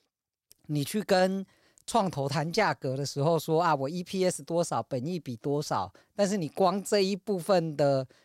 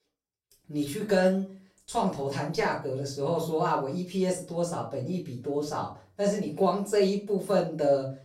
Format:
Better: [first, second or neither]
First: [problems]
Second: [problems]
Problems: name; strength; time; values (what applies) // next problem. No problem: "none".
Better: first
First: none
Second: off-mic speech; far // room echo; slight; dies away in 0.3 s